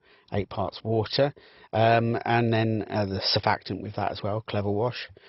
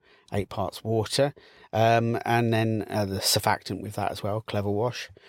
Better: second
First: garbled, watery; badly; nothing above 5.5 kHz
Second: none

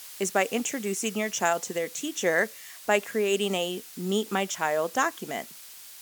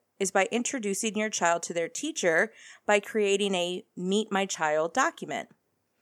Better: second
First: hiss; noticeable; throughout; 15 dB below the speech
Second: none

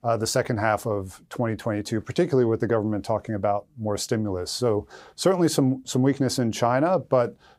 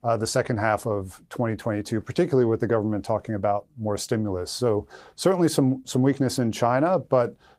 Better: first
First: none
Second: garbled, watery; slightly; nothing above 15.5 kHz

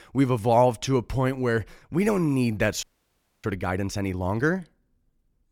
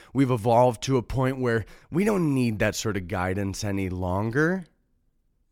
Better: second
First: audio freezing; at 3 s for 0.5 s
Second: none

